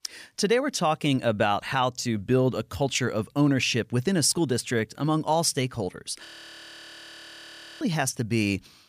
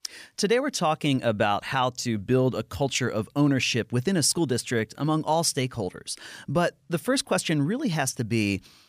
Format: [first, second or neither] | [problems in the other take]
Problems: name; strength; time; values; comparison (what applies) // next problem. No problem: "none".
second | audio freezing; at 6.5 s for 1.5 s